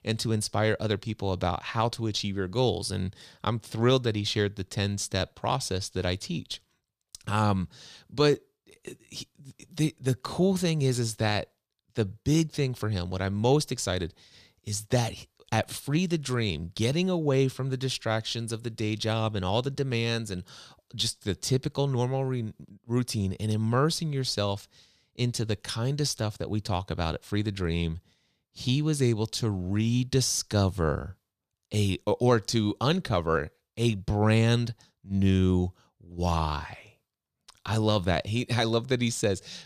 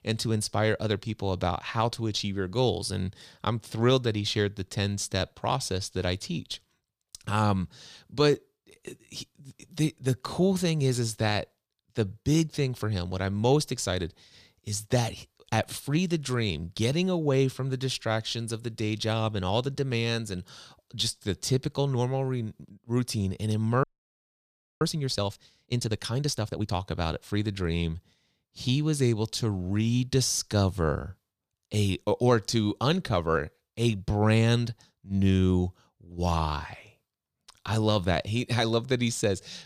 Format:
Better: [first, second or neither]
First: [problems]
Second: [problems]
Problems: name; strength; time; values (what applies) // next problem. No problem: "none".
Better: first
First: none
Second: audio freezing; at 24 s for 1 s